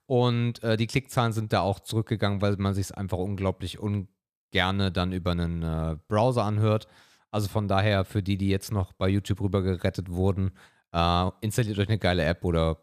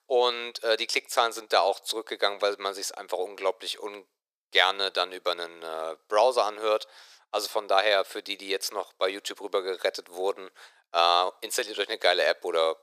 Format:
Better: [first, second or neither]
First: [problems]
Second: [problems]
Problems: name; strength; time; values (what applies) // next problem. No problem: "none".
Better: first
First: none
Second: thin; very; fading below 450 Hz